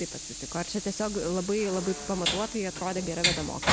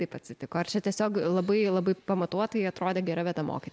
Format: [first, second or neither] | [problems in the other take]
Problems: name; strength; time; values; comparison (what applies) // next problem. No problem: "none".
second | background sound (Train); 1 dB below the speech